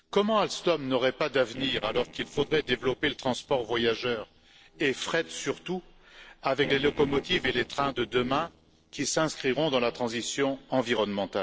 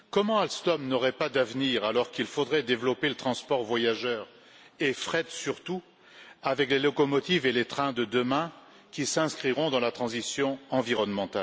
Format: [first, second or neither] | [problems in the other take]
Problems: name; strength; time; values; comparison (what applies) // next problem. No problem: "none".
second | noise reduction (neural separator model SepFormer DNS4)